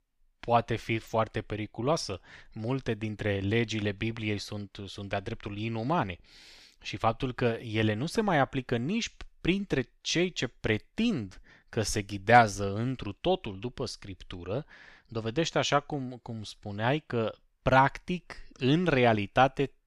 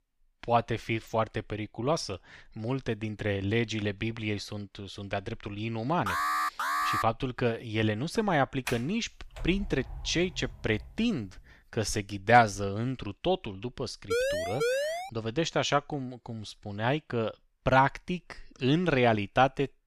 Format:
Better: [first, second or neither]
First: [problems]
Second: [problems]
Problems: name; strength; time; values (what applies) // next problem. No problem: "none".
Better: first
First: none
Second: alarm; loud; at 6 s; peak 2 dB above the speech // door banging; noticeable; from 8.5 to 11 s; peak 8 dB below the speech // siren; loud; at 14 s; peak 1 dB above the speech